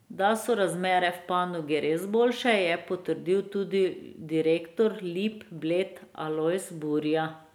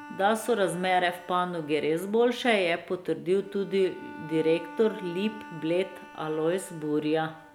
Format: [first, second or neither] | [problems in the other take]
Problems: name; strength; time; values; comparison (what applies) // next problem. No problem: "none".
first | background sound (Bowed string instrument); 19 dB below the speech